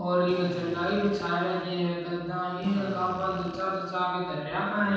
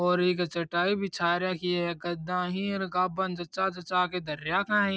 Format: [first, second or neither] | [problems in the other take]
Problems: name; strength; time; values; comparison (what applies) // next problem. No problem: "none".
second | background sound (Drill); 15 dB below the speech // room echo; dies away in 1.2 s